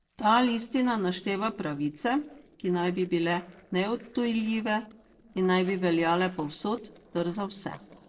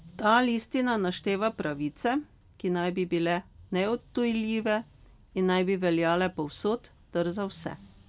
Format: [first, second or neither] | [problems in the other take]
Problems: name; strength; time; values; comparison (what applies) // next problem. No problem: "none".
second | noise reduction (neural separator model SepFormer DNS4)